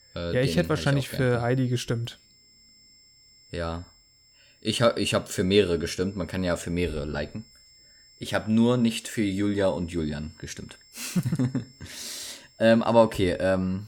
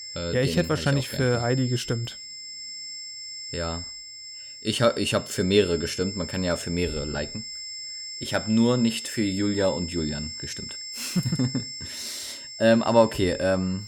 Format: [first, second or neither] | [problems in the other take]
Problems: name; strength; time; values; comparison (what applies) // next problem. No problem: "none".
first | high-pitched whine; loud; throughout; 5.5 kHz, 10 dB below the speech; faint in the first